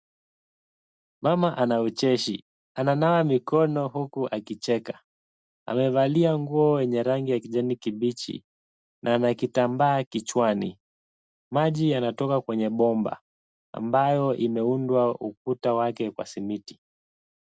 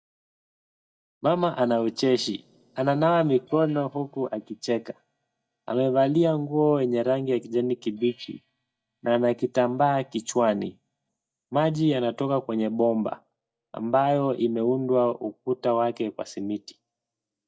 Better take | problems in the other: first | noise reduction (neural mask model DeepFilterNet 3)

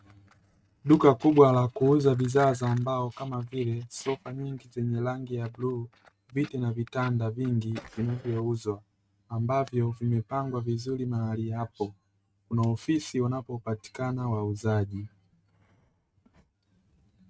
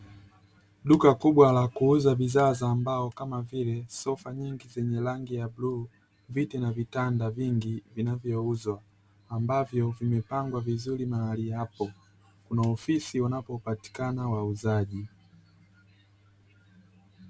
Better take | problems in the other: second | noise reduction (neural mask model RNNoise)

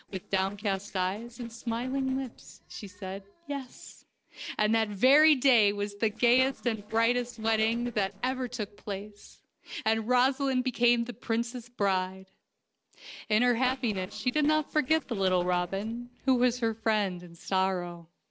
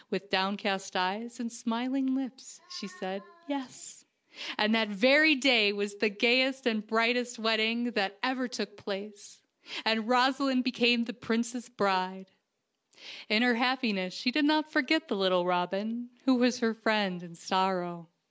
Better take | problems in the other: second | noise reduction (neural separator model SepFormer DNS4)

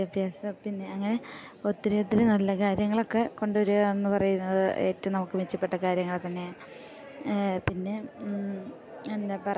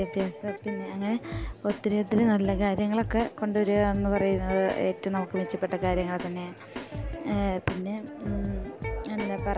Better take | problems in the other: first | background sound (Electric guitar + Drum kit); 8 dB below the speech

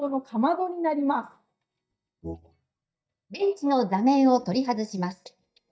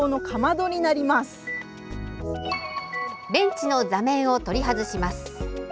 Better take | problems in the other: second | noise reduction (neural mask model DeepFilterNet 3)

